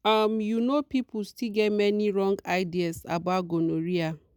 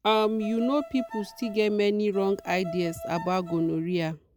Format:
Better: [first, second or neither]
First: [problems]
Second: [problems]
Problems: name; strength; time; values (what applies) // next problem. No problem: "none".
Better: first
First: none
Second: background sound (Bowed string instrument); 14 dB below the speech